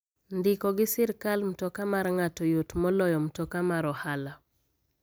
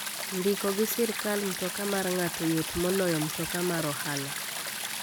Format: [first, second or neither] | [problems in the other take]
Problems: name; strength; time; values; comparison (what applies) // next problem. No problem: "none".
first | background sound (Stream); 4 dB below the speech